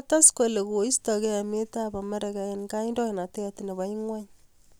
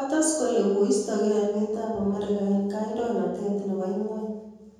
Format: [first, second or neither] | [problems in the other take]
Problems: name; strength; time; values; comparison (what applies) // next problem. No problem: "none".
first | room echo; dies away in 1.3 s